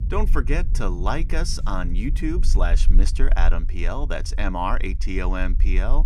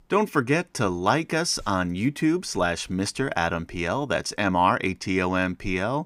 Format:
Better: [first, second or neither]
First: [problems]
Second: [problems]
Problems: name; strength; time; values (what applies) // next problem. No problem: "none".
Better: second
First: low rumble; noticeable; throughout; 15 dB below the speech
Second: none